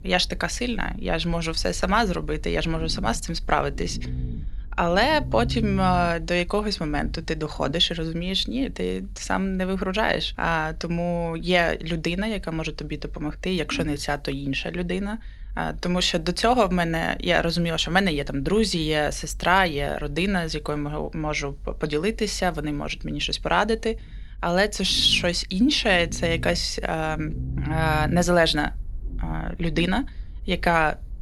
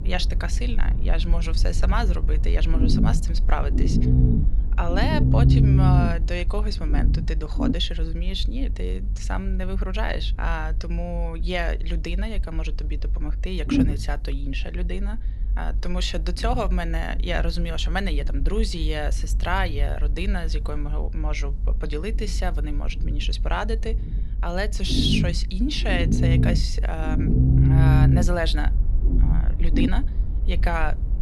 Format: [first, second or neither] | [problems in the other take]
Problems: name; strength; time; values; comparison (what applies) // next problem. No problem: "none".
first | low rumble; loud; throughout; 3 dB below the speech; faint in the first